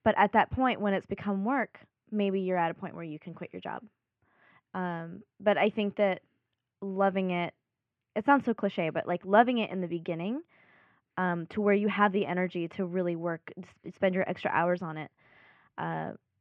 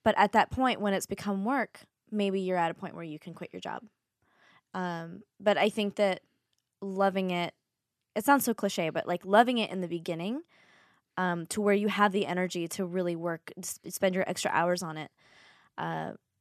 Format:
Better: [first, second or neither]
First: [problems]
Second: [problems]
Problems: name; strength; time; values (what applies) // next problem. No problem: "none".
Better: second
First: muffled; very; fading above 2.5 kHz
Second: none